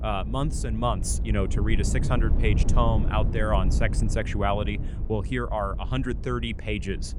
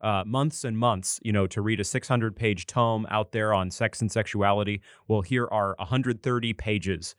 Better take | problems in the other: second | low rumble; noticeable; throughout; 10 dB below the speech

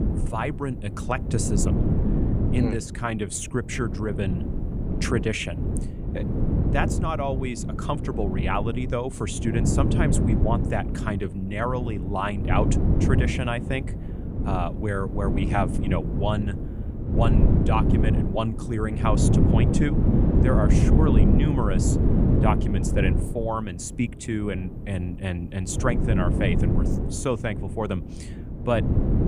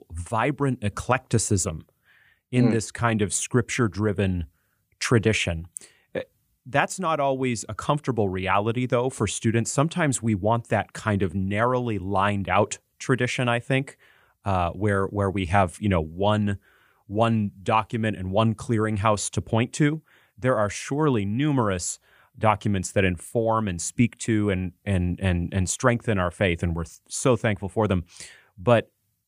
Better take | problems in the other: second | wind noise on the microphone; heavy; 4 dB below the speech

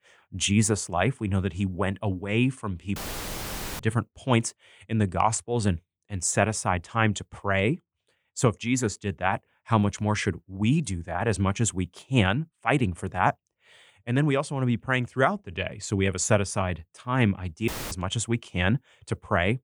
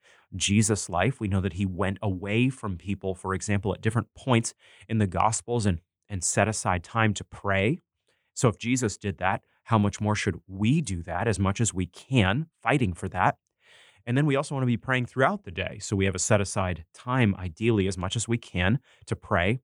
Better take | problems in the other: second | audio cutting out; filled with static; at 3 s for 1 s and at 18 s

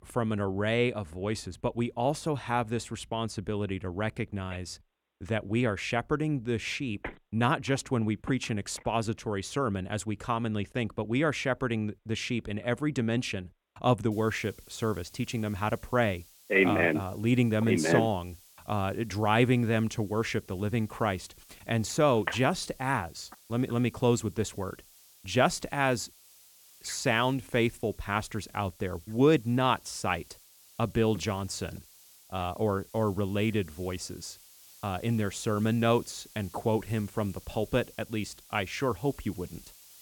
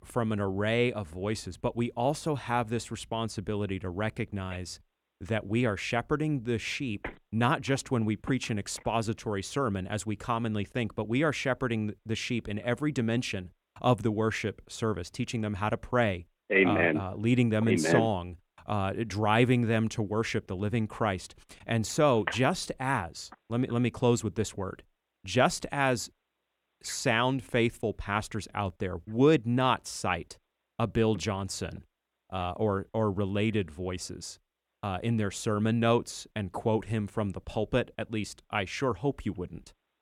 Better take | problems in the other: second | hiss; faint; from 14 s on; 25 dB below the speech

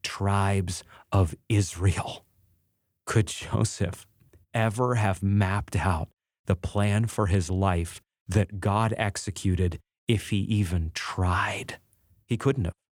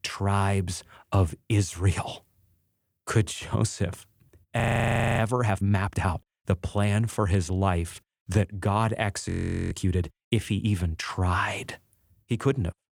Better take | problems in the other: first | audio freezing; at 4.5 s for 0.5 s and at 9.5 s

